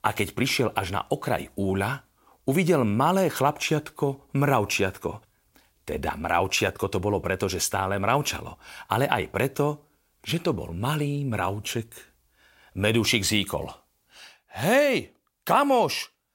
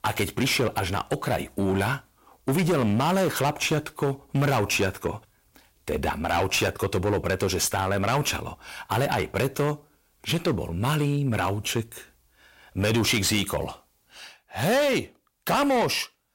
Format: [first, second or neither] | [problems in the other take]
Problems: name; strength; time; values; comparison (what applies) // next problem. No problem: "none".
first | distortion; heavy; 13% of the sound clipped